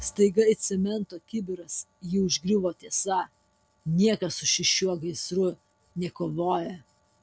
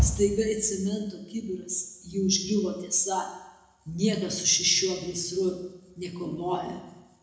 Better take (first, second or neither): first